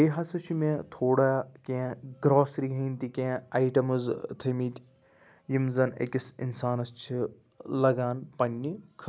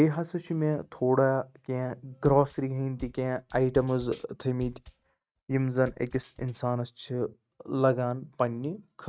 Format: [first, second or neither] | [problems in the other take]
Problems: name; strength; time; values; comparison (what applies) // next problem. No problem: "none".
first | noise reduction (neural mask model RNNoise)